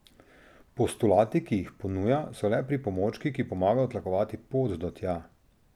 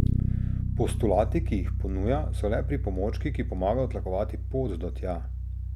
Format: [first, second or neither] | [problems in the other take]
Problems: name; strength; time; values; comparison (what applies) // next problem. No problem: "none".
first | background sound (Bass guitar); 2 dB above the speech